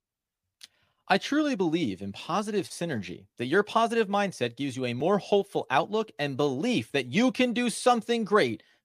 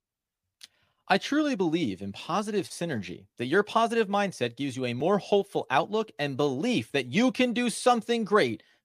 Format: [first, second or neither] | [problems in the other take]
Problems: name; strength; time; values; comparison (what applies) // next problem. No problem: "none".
neither | none